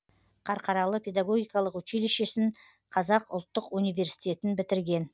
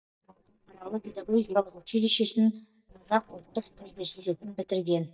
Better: first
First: none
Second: noise reduction (neural mask model DeepFilterNet 3)

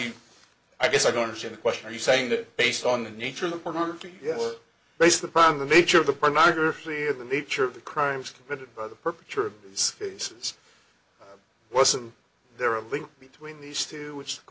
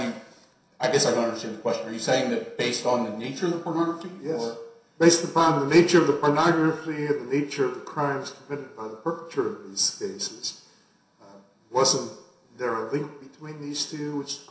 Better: first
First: none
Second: room echo; dies away in 0.7 s

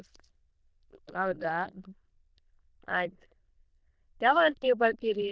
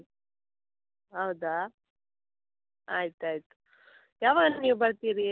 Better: second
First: noise reduction (neural diffusion model UNIVERSE++)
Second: none

